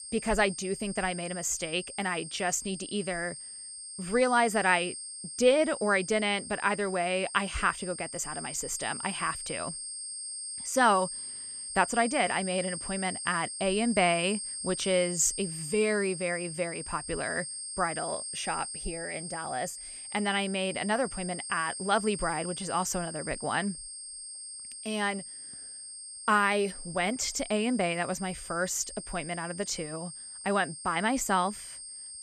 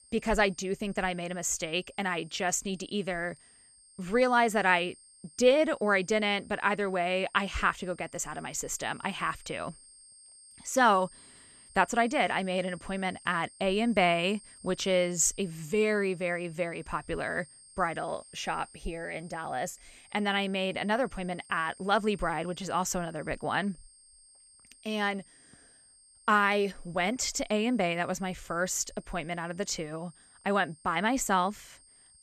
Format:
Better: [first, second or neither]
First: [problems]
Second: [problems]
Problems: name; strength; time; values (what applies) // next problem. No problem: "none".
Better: second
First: high-pitched whine; loud; throughout; 8.5 kHz, 8 dB below the speech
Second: high-pitched whine; faint; throughout; 8.5 kHz, 25 dB below the speech